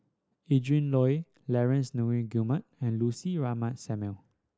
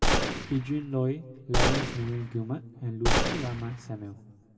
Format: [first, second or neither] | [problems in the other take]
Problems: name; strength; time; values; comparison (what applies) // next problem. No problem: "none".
first | background sound (Gunshot, gunfire); 3 dB above the speech // room echo; dies away in 2.4 s